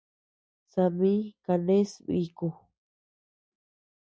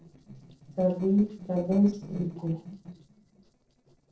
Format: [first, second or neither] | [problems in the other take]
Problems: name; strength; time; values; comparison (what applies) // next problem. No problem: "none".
first | noise reduction (neural separator model SepFormer DNS4)